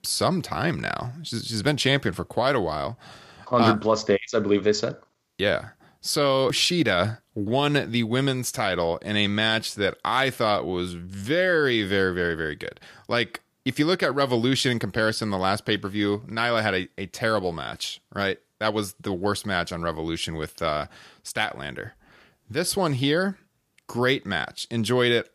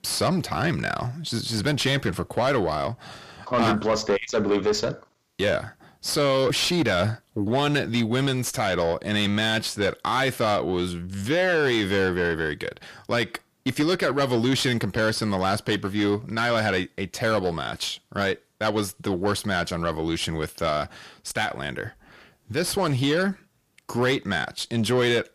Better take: first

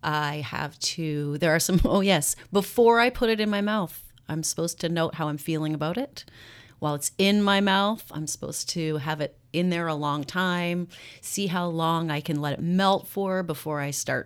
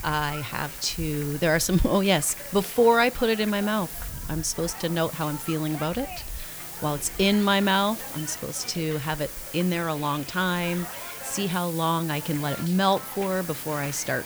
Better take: first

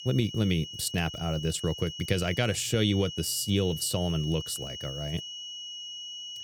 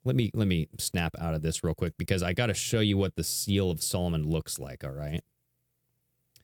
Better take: second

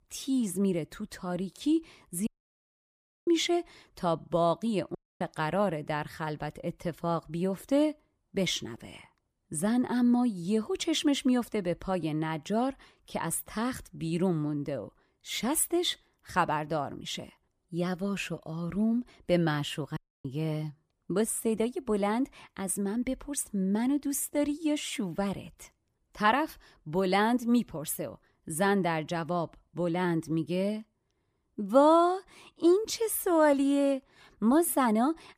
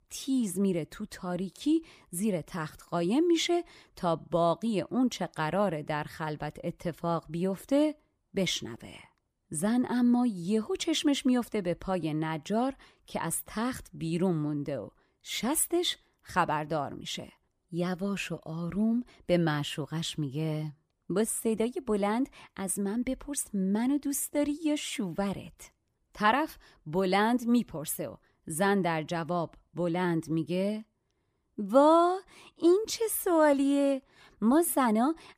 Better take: second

